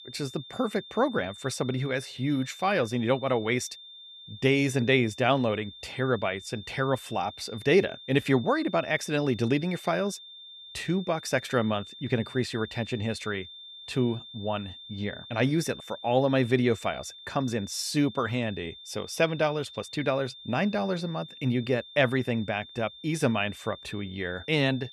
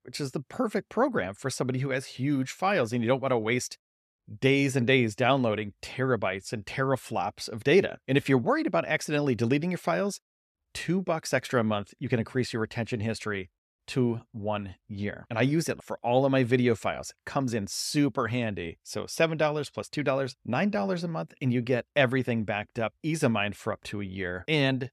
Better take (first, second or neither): second